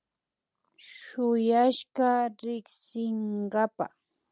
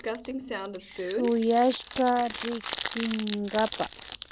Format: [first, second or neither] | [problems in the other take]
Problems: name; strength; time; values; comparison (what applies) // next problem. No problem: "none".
first | background sound (Crumpling, crinkling); 7 dB below the speech